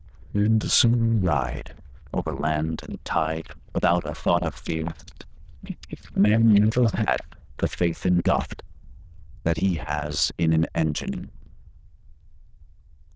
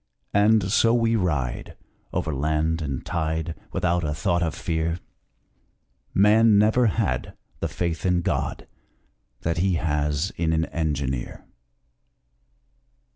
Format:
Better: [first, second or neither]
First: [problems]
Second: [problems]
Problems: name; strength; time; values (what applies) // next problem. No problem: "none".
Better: second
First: noise reduction (neural diffusion model UNIVERSE++)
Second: none